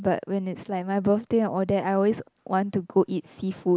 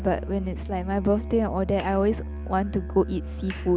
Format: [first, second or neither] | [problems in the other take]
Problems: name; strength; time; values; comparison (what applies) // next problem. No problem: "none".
first | background sound (Musical instrument); 8 dB below the speech